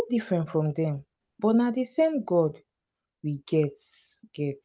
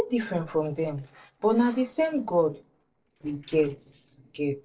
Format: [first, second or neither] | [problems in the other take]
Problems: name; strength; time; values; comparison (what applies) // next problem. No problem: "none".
first | noise reduction (neural separator model SepFormer DNS4)